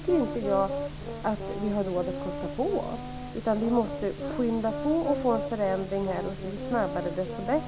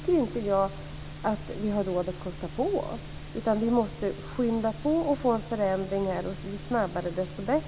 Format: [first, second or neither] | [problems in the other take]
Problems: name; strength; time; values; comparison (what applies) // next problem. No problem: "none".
second | background sound (Brass instrument); 8 dB below the speech